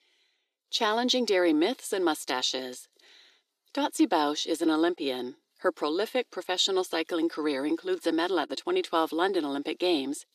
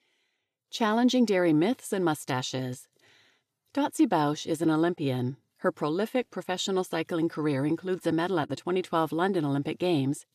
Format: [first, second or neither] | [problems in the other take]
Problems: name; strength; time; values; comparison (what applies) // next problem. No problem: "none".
second | thin; very slightly; fading below 300 Hz